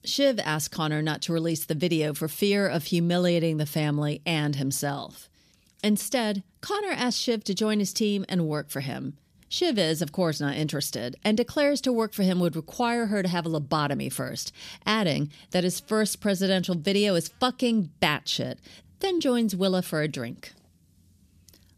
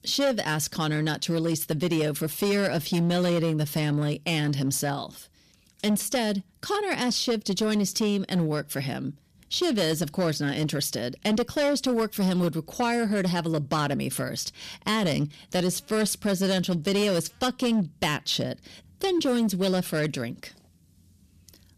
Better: first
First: none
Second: distortion; slight; 9% of the sound clipped

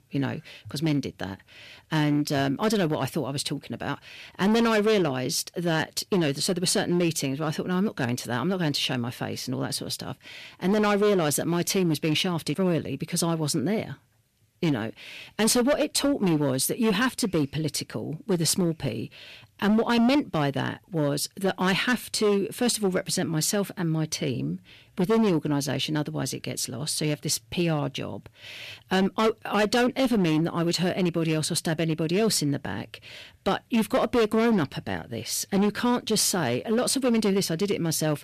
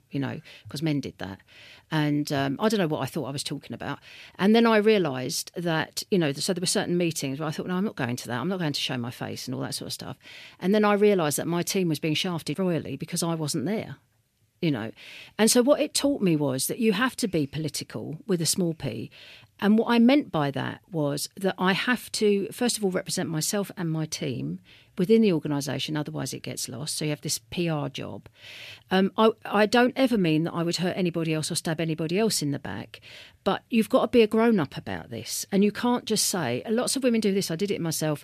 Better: second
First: distortion; slight; 8% of the sound clipped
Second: none

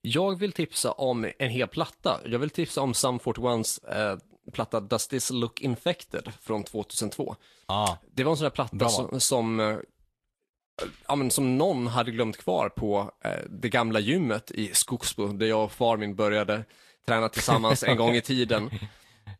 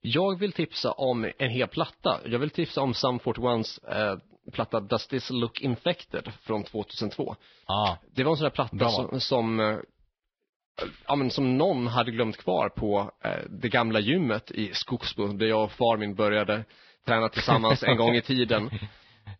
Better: first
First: garbled, watery; slightly; nothing above 12.5 kHz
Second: garbled, watery; badly; nothing above 5.5 kHz

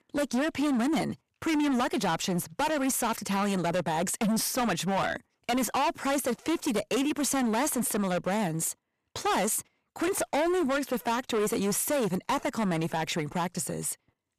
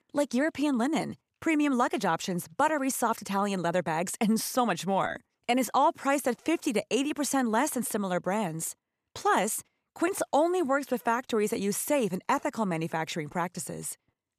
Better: second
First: distortion; heavy; 20% of the sound clipped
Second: none

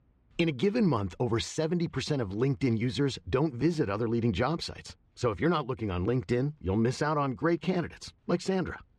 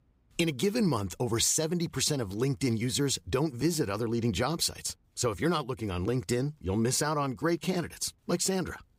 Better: second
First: muffled; slightly; fading above 3 kHz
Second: none

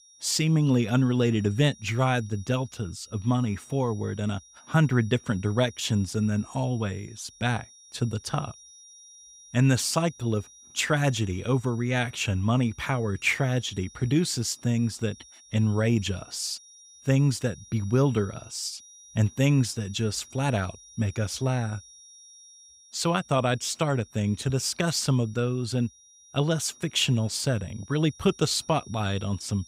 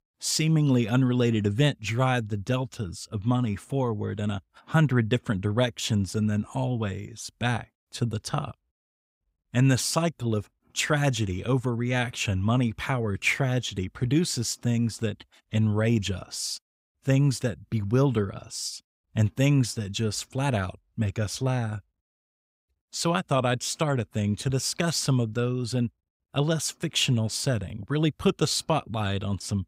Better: second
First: high-pitched whine; faint; throughout; 5.5 kHz, 25 dB below the speech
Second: none

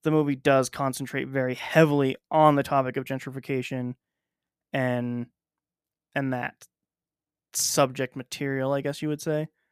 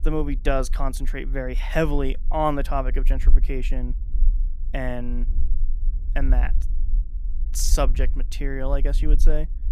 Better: first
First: none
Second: low rumble; faint; throughout; 20 dB below the speech

